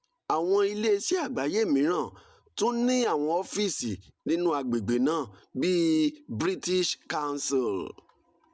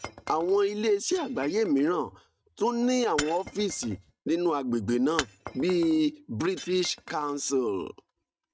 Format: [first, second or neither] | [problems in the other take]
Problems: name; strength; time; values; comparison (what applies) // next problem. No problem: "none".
first | noise reduction (neural mask model RNNoise)